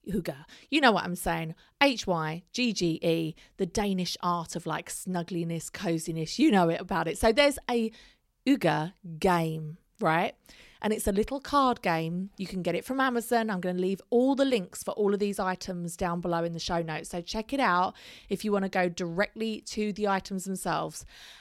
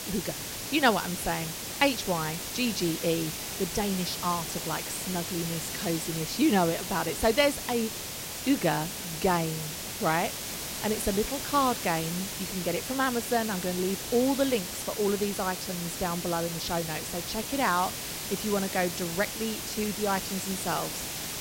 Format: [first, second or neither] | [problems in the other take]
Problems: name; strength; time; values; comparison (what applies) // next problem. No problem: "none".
first | hiss; loud; throughout; 4 dB below the speech